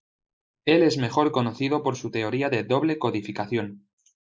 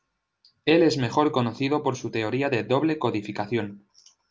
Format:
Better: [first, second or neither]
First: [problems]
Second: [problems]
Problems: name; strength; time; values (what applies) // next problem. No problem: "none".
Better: second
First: noise reduction (neural mask model Resemble Enhance denoiser)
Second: none